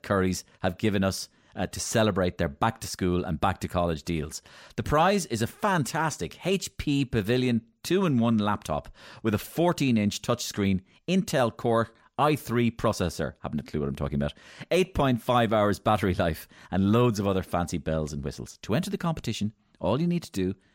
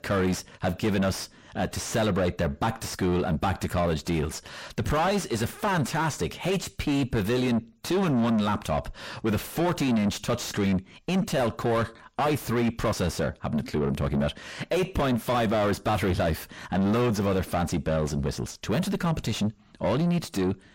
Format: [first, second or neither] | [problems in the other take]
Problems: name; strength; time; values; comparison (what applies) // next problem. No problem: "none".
first | distortion; heavy; 6 dB below the speech